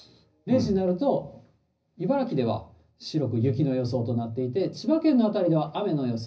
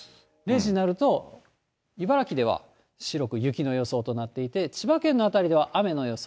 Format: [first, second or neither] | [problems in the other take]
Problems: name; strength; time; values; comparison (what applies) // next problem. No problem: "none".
second | room echo; dies away in 0.4 s